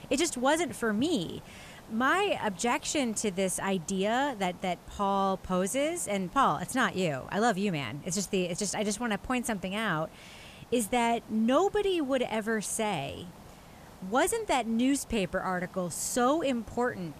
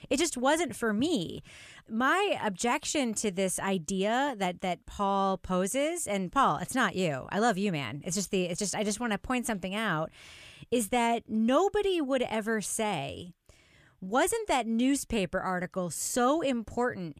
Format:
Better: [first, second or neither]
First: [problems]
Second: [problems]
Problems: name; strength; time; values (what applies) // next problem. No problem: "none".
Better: second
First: hiss; faint; throughout; 20 dB below the speech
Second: none